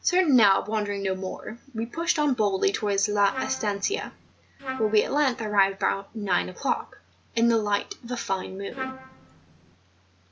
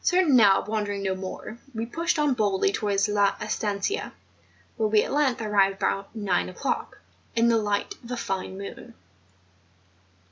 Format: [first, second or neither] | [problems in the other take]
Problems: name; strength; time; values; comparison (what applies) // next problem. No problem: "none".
second | background sound (Trumpet); 12 dB below the speech